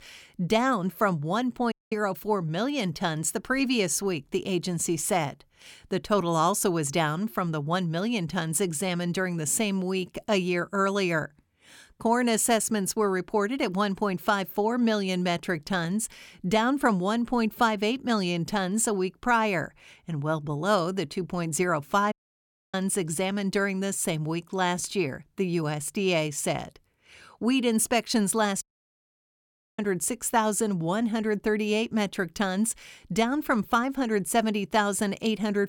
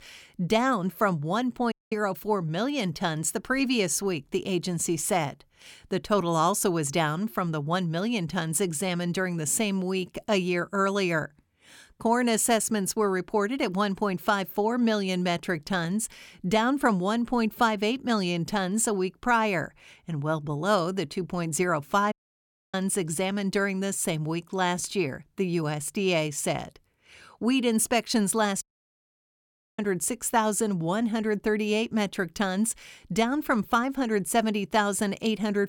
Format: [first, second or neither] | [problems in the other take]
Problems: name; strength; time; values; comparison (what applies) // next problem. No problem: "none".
neither | audio cutting out; at 1.5 s, at 22 s for 0.5 s and at 29 s for 1 s; the same in both